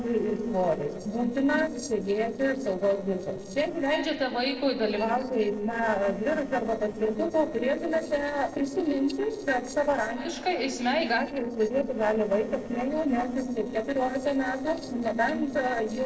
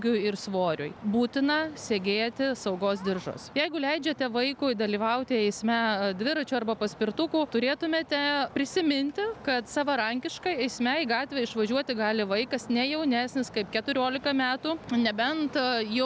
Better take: second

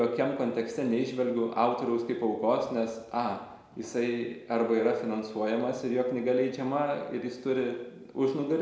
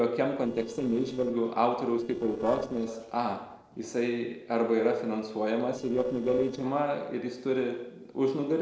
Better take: first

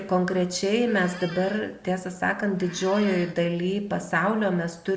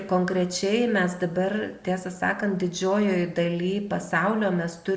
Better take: second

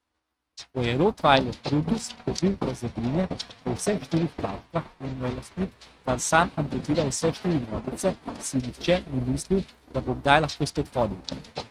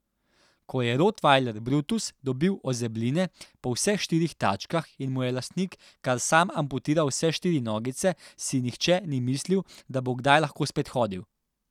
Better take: second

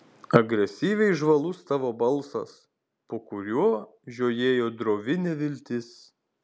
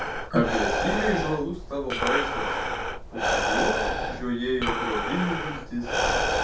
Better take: first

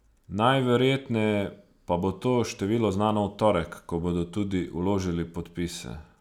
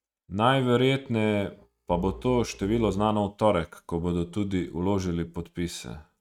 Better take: first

